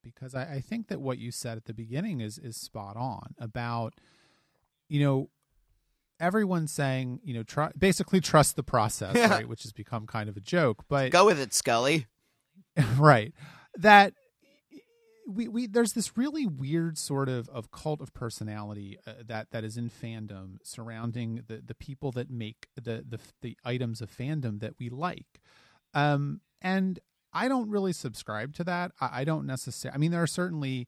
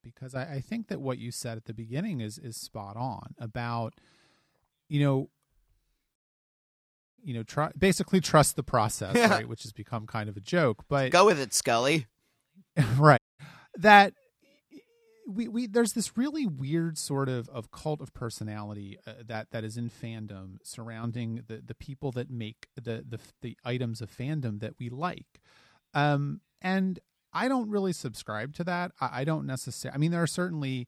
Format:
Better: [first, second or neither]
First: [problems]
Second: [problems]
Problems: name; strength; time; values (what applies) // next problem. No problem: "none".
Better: first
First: none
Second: audio cutting out; at 6 s for 1 s and at 13 s